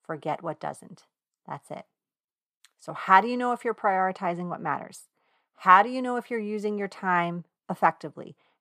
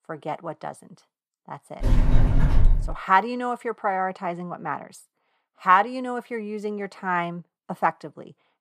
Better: first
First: none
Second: door banging; loud; from 2 to 3 s; peak 3 dB above the speech

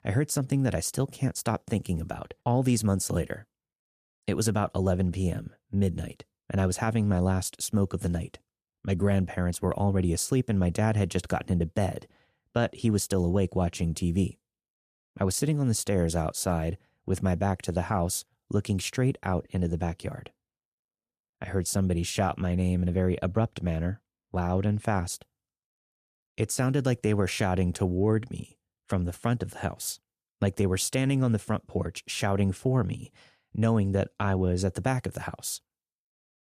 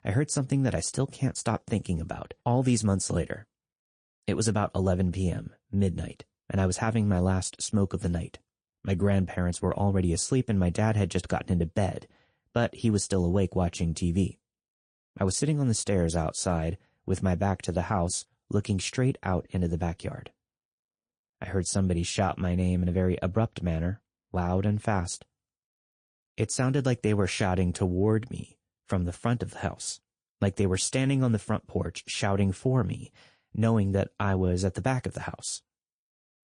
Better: first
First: none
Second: garbled, watery; slightly; nothing above 9 kHz

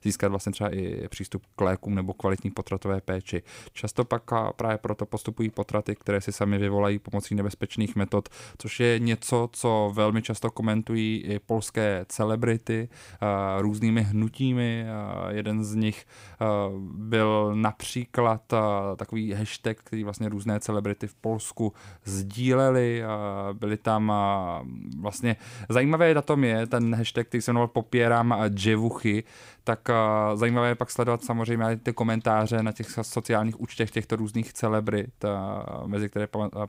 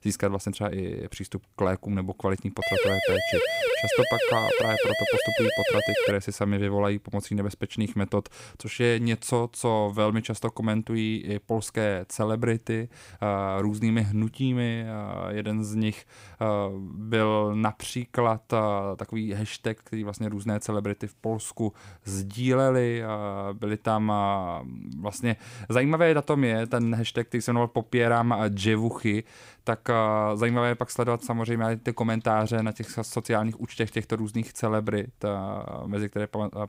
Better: first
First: none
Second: siren; loud; from 2.5 to 6 s; peak 3 dB above the speech

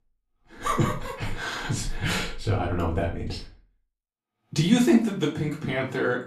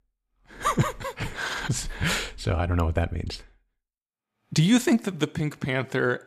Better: second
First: off-mic speech; far // room echo; slight; dies away in 0.3 s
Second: none

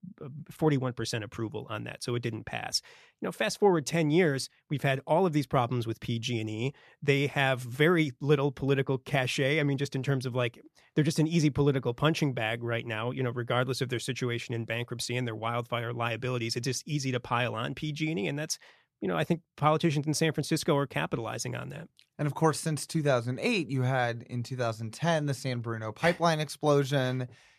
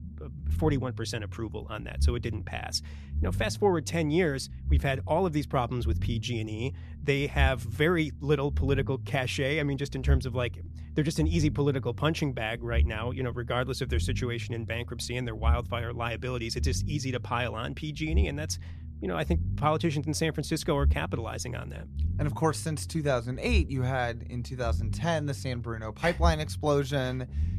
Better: first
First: none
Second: low rumble; noticeable; throughout; 20 dB below the speech

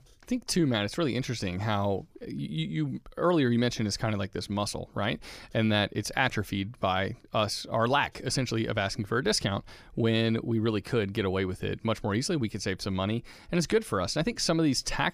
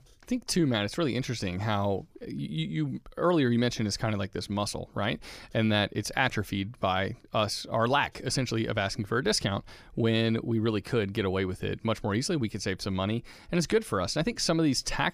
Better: neither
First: none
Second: none

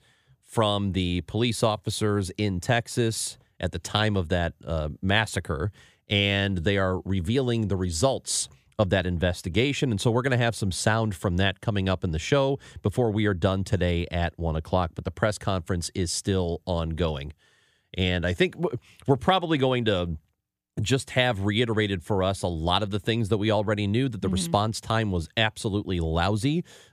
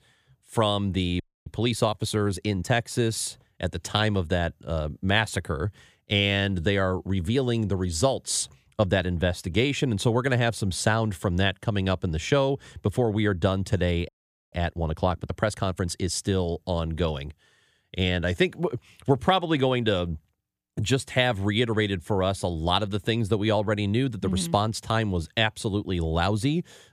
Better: first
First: none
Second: audio freezing; at 1 s and at 14 s

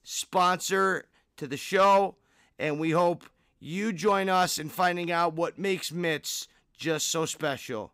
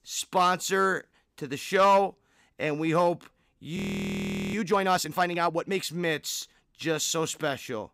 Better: first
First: none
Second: audio freezing; at 4 s for 1 s

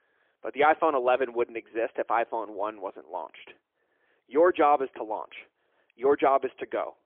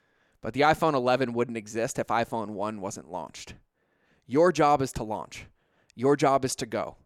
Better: second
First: phone-call audio; poor line; nothing above 3.5 kHz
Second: none

